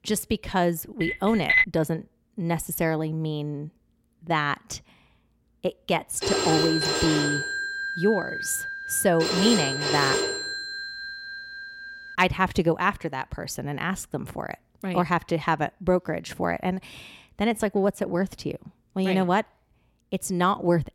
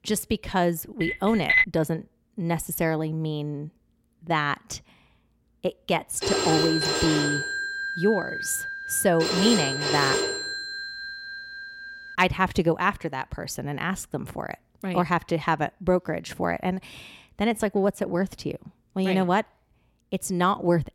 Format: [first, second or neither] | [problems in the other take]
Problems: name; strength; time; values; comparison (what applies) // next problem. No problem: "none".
neither | phone ringing; loud; at 1 s and from 6 to 12 s; peak 6 dB above the speech; the same in both